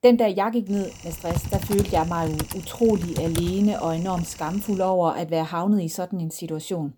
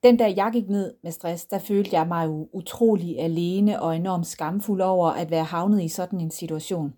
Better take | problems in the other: second | keyboard typing; noticeable; from 1 to 4 s; peak 3 dB below the speech

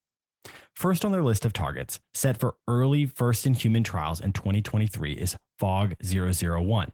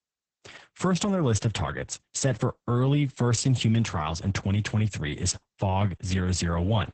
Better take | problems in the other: first | garbled, watery; badly; nothing above 8 kHz; slightly in the first

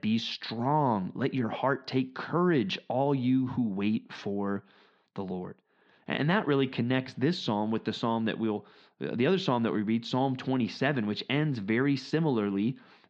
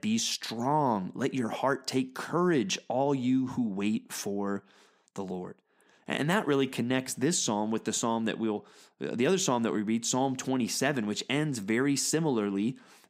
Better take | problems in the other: second | muffled; slightly; fading above 4.5 kHz

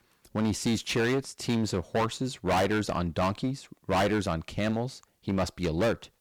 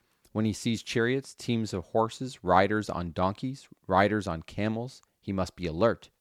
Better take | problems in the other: second | distortion; heavy; 16% of the sound clipped

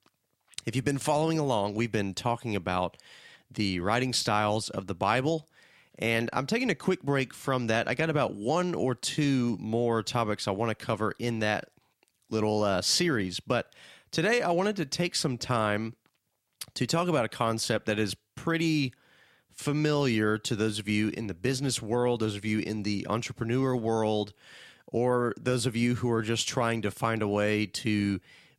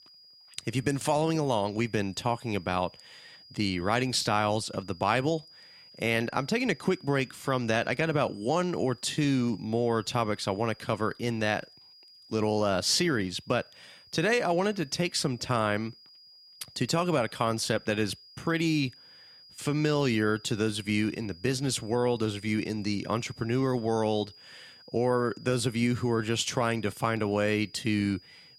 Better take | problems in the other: first | high-pitched whine; faint; throughout; 5 kHz, 25 dB below the speech

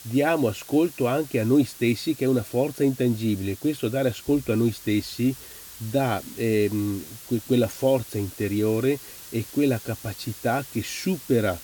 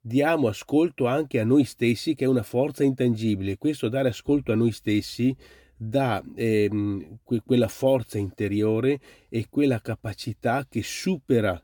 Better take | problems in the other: second | hiss; noticeable; throughout; 15 dB below the speech

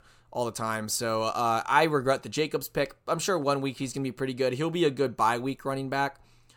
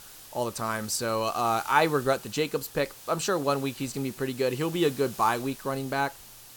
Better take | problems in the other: first | hiss; noticeable; throughout; 15 dB below the speech

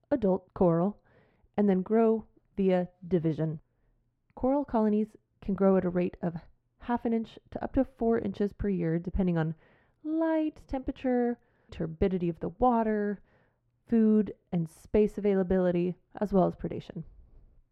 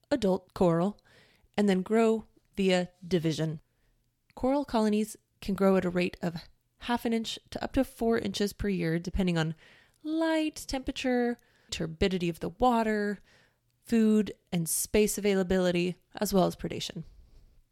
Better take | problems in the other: second | muffled; very; fading above 3 kHz

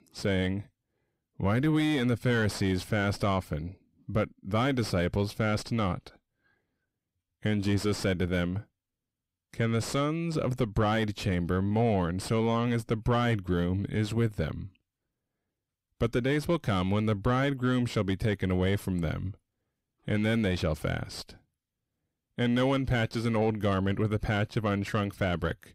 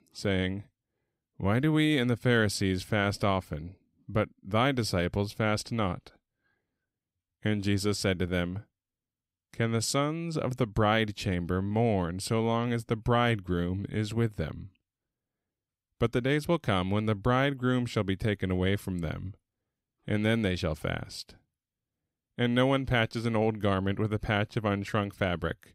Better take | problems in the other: second | distortion; slight; 10 dB below the speech

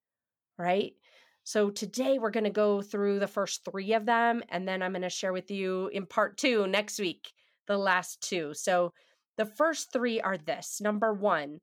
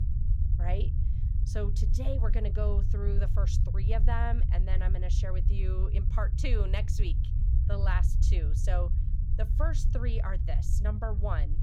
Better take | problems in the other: first | low rumble; loud; throughout; 7 dB below the speech

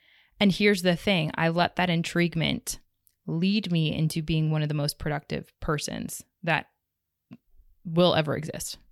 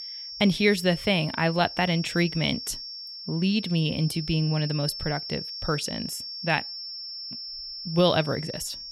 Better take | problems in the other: first | high-pitched whine; loud; throughout; 5.5 kHz, 9 dB below the speech

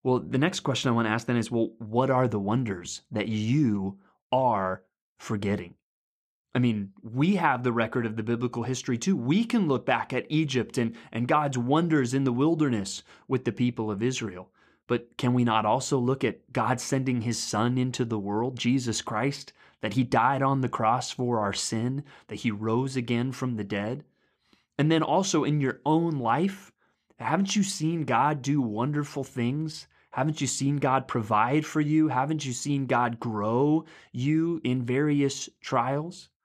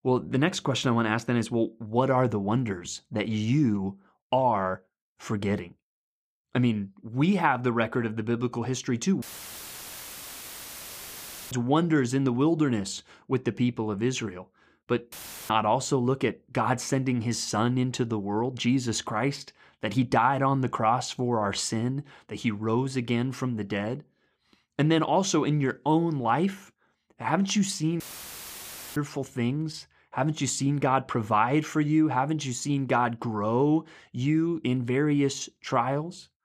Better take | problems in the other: first | audio cutting out; filled with static; at 9 s for 2.5 s, at 15 s and at 28 s for 1 s

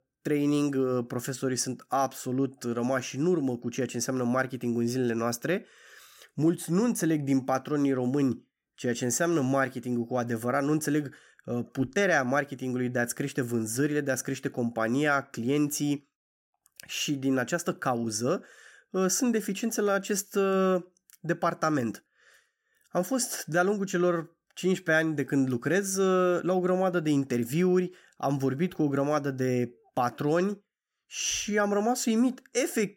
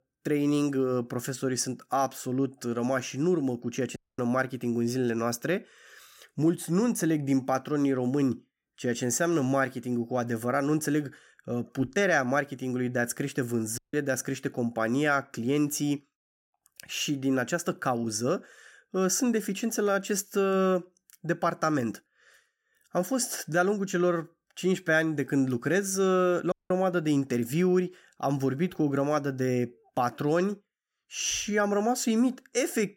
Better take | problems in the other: first | audio cutting out; at 4 s, at 14 s and at 27 s

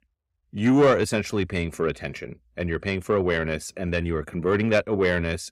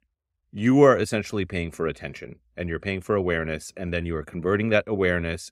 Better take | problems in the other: second | distortion; slight; 10 dB below the speech

